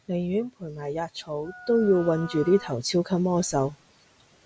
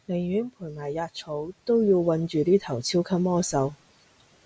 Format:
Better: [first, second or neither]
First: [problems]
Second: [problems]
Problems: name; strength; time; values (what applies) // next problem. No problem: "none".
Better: second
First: background sound (Wind instrument, woodwind instrument); 17 dB below the speech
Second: none